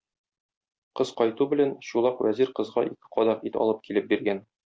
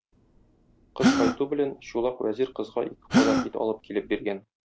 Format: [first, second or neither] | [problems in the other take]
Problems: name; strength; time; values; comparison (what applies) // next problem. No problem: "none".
first | background sound (Gasp); 1 dB above the speech